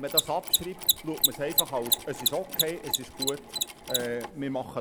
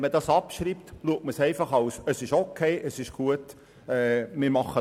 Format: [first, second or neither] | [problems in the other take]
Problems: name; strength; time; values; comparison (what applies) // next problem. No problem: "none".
second | background sound (Mechanisms); 3 dB above the speech